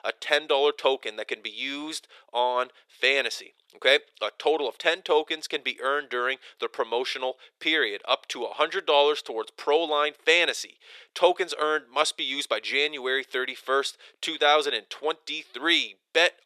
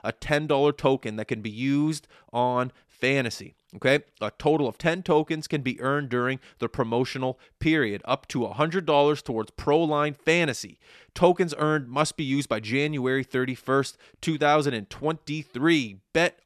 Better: second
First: thin; very; fading below 450 Hz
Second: none

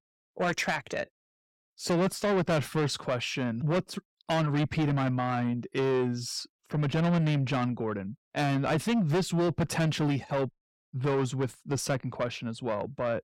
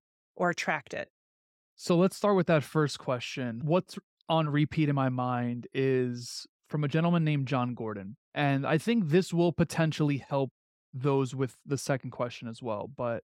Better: second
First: distortion; heavy; 7 dB below the speech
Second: none

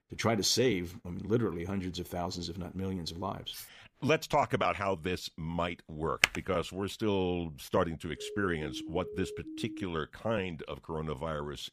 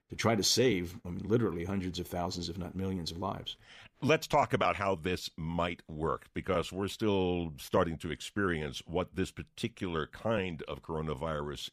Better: second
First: clattering dishes; faint; at 3.5 s; peak 15 dB below the speech // keyboard typing; very faint; at 6 s; peak 5 dB above the speech // siren; noticeable; from 8 to 10 s; peak 9 dB below the speech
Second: none

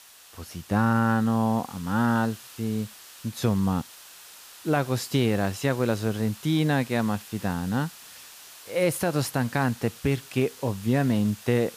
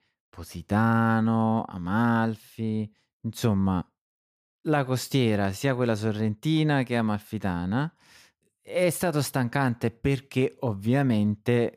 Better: second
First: hiss; noticeable; throughout; 20 dB below the speech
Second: none

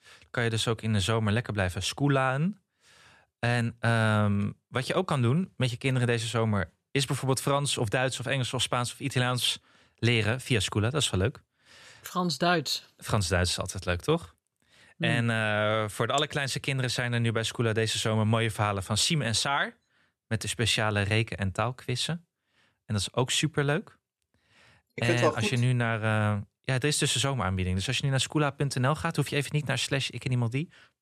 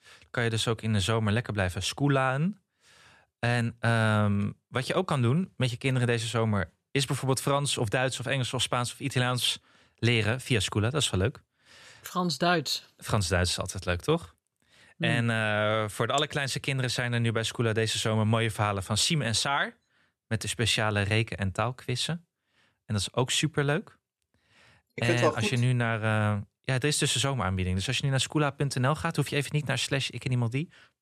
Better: neither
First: none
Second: none

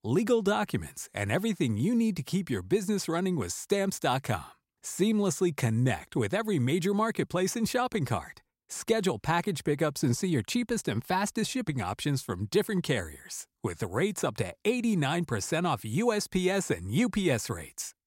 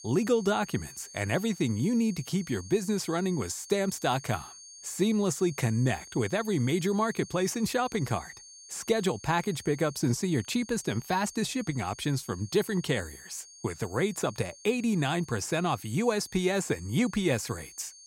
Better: first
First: none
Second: high-pitched whine; noticeable; throughout; 6.5 kHz, 15 dB below the speech

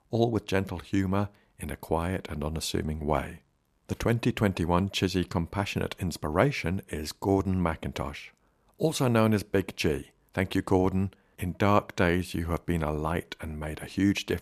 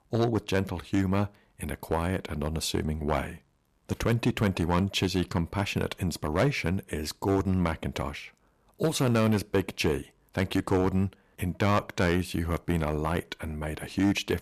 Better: first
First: none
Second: distortion; slight; 3% of the sound clipped

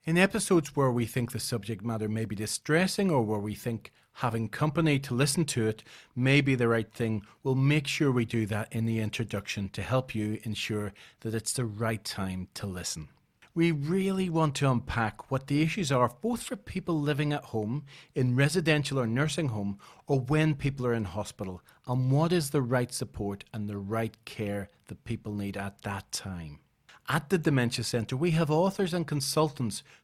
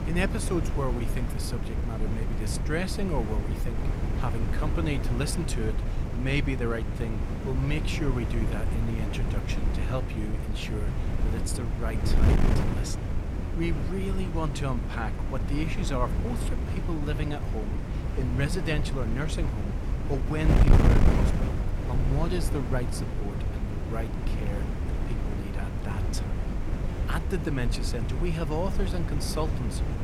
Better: first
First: none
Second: wind noise on the microphone; heavy; 3 dB below the speech

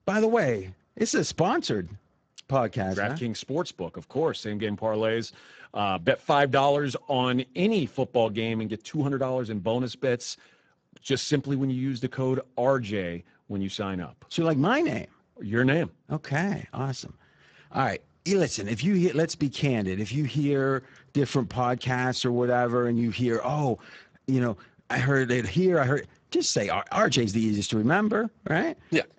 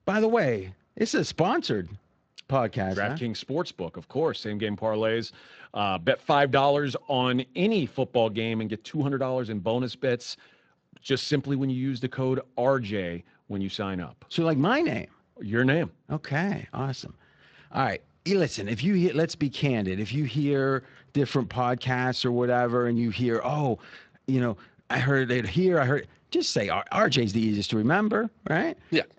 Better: second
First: garbled, watery; badly; nothing above 7.5 kHz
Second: garbled, watery; slightly; nothing above 7.5 kHz

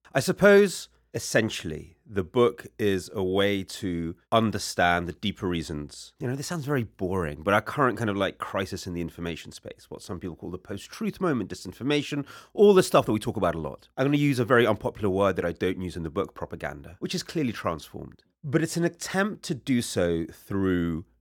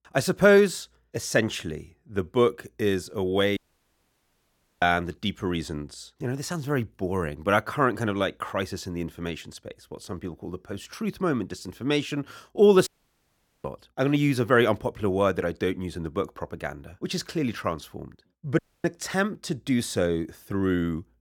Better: first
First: none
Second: audio cutting out; at 3.5 s for 1.5 s, at 13 s for 1 s and at 19 s

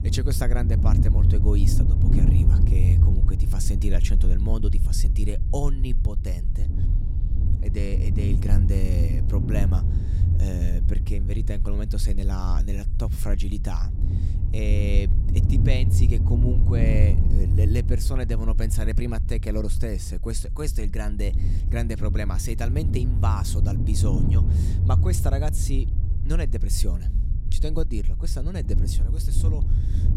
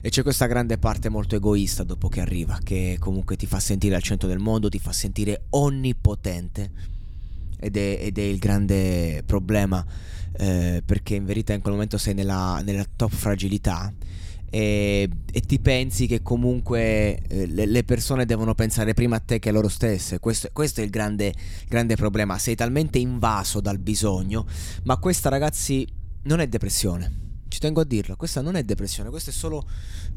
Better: second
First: low rumble; loud; throughout; 4 dB below the speech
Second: low rumble; faint; throughout; 25 dB below the speech

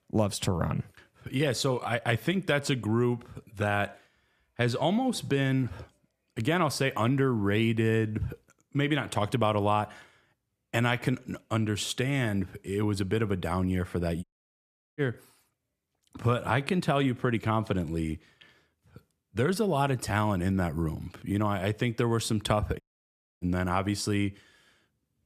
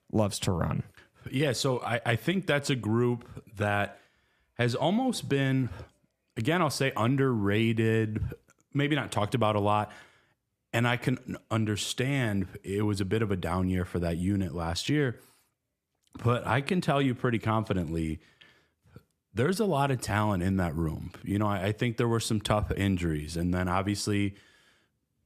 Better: second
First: audio cutting out; at 14 s for 0.5 s and at 23 s for 0.5 s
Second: none

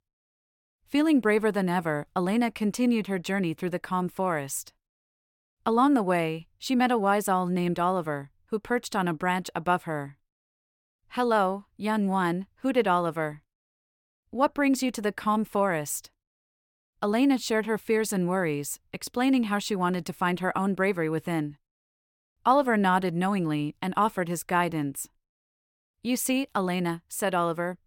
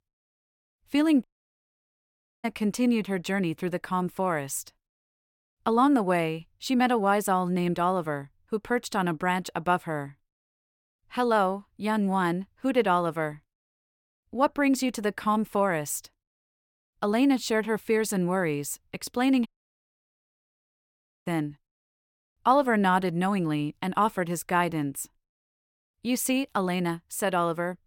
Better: first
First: none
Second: audio cutting out; at 1 s for 1 s and at 19 s for 2 s

